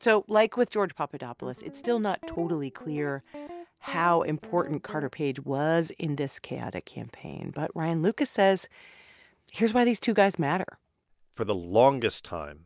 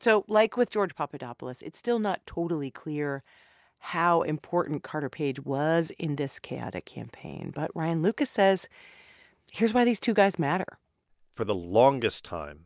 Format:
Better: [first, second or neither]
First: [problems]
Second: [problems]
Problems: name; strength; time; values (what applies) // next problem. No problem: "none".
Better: second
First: background sound (Guitar); 15 dB below the speech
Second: none